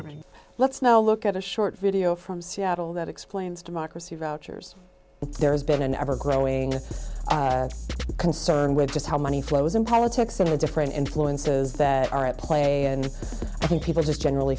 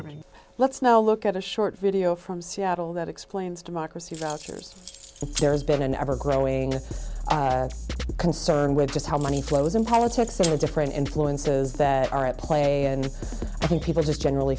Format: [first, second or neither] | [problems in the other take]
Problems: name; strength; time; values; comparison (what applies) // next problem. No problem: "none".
first | background sound (Keys jangling); 15 dB below the speech